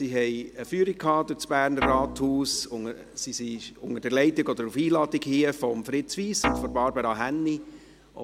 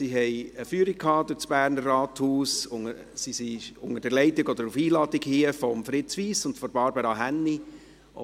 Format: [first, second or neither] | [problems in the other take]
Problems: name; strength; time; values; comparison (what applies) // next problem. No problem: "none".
second | background sound (Guitar); 5 dB below the speech